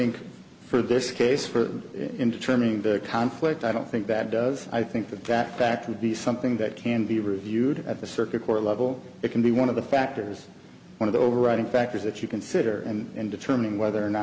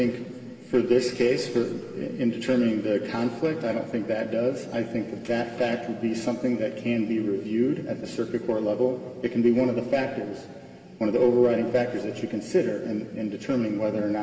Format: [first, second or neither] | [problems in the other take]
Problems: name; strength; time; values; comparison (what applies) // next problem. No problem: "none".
first | room echo; dies away in 2.5 s